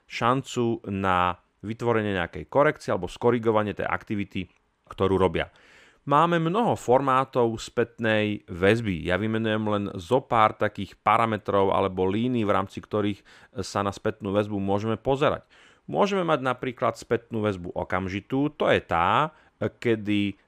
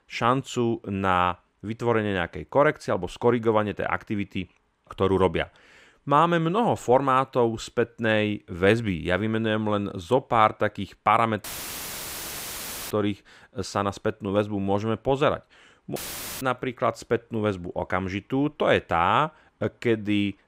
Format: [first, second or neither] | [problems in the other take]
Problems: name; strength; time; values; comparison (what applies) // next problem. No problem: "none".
first | audio cutting out; filled with static; at 11 s for 1.5 s and at 16 s